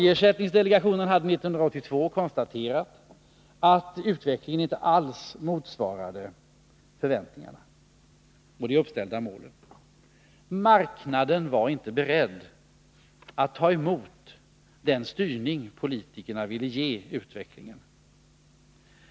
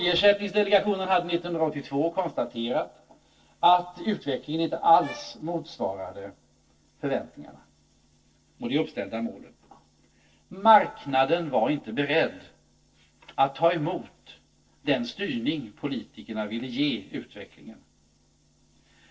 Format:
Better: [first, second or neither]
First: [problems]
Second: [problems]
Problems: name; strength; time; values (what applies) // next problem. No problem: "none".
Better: first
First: none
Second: noise reduction (neural separator model SepFormer DNS4)